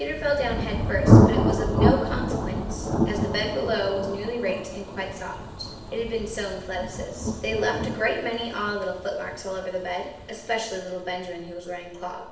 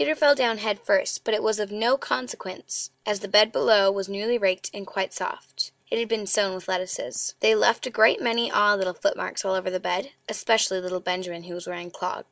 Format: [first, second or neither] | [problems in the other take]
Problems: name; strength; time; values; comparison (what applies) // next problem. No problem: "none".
second | background sound (Thunder); 3 dB above the speech // room echo; dies away in 0.8 s